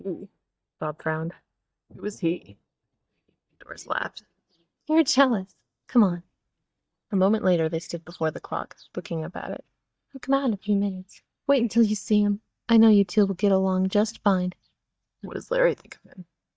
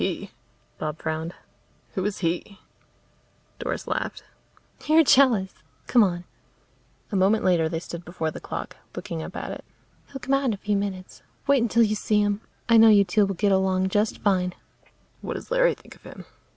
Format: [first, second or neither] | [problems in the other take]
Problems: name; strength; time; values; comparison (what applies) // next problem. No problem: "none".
second | noise reduction (neural mask model DeepFilterNet 3)